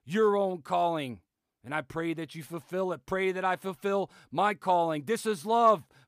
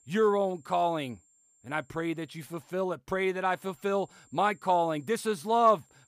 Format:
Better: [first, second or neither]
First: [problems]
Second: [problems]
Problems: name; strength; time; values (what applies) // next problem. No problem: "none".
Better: first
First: none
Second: high-pitched whine; faint; until 3 s and from 3.5 s on; 7.5 kHz, 35 dB below the speech